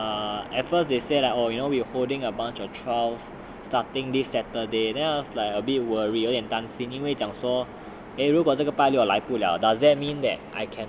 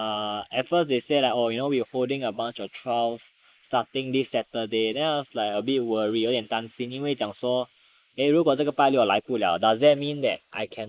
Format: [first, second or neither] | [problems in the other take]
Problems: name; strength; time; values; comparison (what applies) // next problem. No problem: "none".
first | noise reduction (neural mask model Resemble Enhance denoiser)